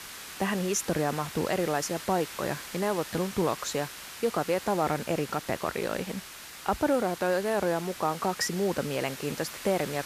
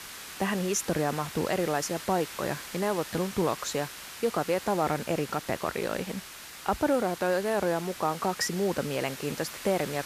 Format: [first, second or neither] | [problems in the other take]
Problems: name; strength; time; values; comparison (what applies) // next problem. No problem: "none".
neither | hiss; noticeable; throughout; 10 dB below the speech; the same in both